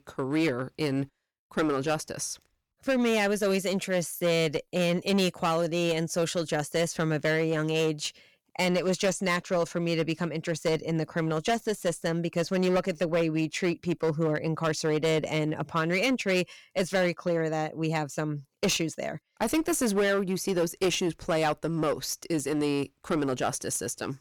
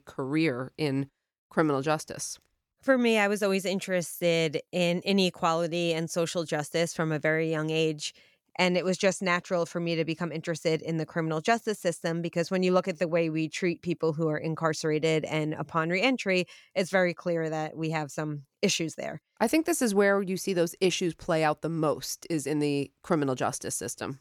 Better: second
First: distortion; slight; 10% of the sound clipped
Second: none

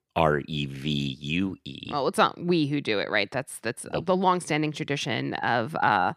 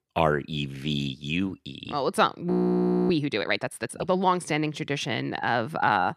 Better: first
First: none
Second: audio freezing; at 2.5 s for 0.5 s

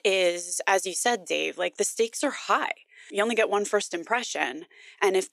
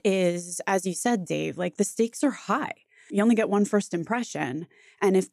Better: second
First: thin; very; fading below 400 Hz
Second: none

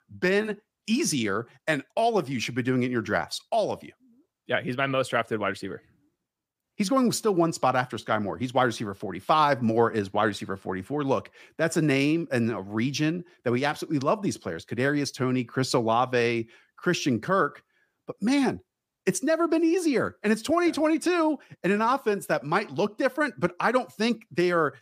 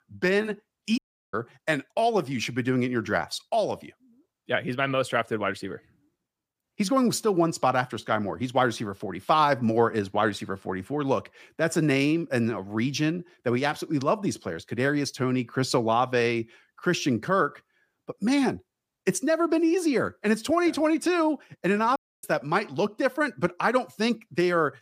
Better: first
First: none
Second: audio cutting out; at 1 s and at 22 s

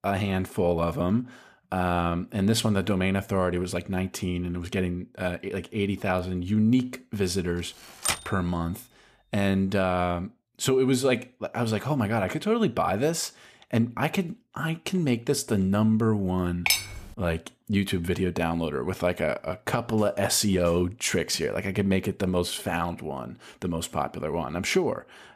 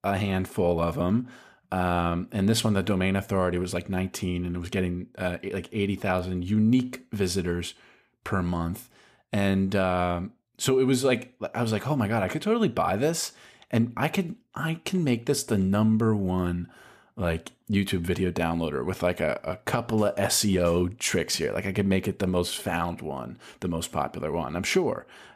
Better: second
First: keyboard typing; noticeable; at 8 s; peak 1 dB below the speech // clattering dishes; loud; at 17 s; peak 3 dB above the speech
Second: none

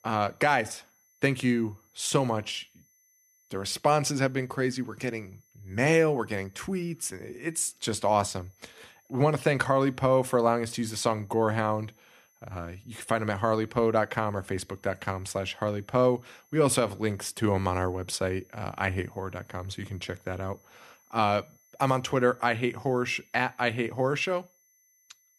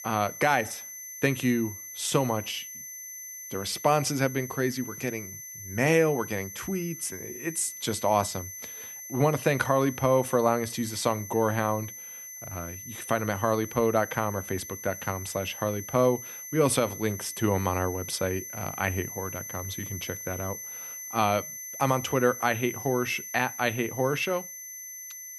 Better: first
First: high-pitched whine; faint; throughout; 6 kHz, 35 dB below the speech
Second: high-pitched whine; loud; throughout; 6 kHz, 10 dB below the speech

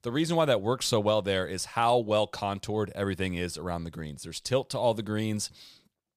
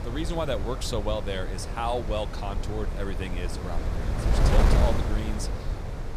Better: first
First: none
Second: wind noise on the microphone; heavy; 3 dB below the speech

